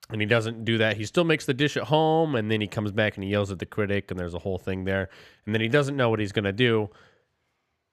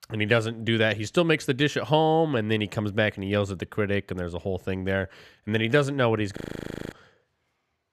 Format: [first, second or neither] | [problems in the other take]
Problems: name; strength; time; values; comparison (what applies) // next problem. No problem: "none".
first | audio freezing; at 6.5 s for 0.5 s